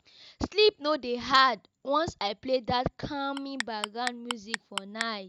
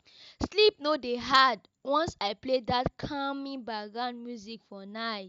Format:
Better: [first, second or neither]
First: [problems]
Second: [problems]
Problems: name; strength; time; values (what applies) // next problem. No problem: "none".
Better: second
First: background sound (Clock); 9 dB below the speech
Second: none